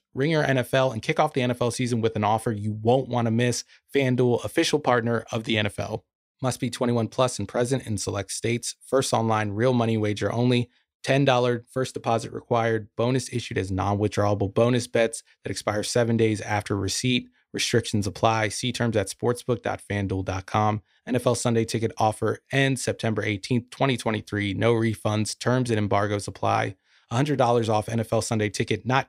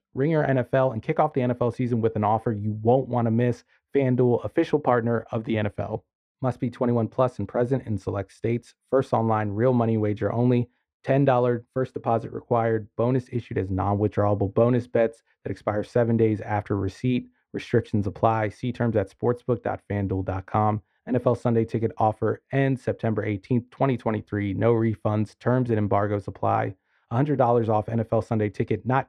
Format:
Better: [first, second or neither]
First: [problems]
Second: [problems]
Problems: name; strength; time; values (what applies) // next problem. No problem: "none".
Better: first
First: none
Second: muffled; very; fading above 3 kHz